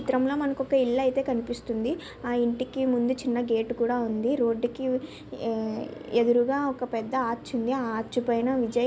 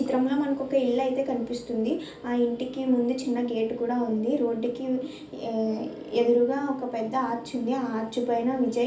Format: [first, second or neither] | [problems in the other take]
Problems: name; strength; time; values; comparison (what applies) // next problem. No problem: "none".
first | room echo; dies away in 0.4 s